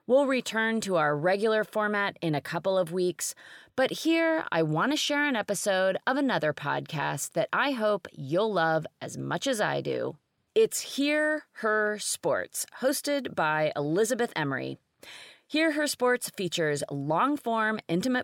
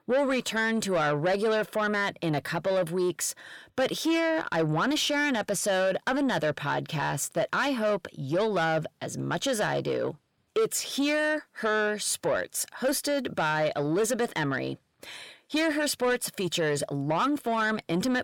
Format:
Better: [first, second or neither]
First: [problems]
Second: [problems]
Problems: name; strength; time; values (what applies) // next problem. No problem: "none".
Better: first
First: none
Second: distortion; slight; 10 dB below the speech